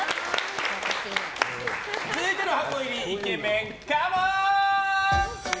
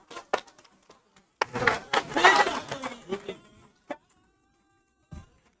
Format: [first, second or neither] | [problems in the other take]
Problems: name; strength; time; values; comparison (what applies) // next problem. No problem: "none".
first | noise reduction (neural mask model RNNoise)